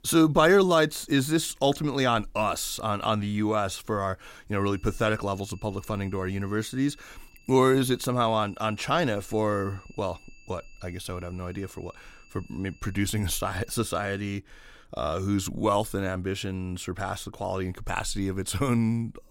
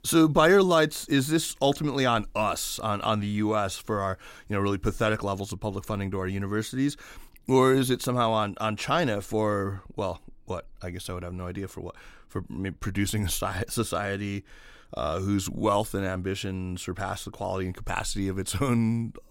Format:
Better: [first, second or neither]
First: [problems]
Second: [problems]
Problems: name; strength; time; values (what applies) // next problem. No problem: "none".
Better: second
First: high-pitched whine; faint; from 4.5 to 14 s; 2.5 kHz, 30 dB below the speech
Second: none